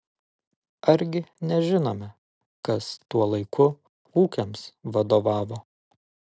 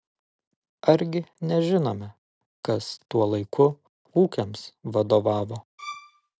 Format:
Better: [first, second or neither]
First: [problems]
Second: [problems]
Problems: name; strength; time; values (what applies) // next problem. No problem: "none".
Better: first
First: none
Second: background sound (Bowed string instrument); 15 dB below the speech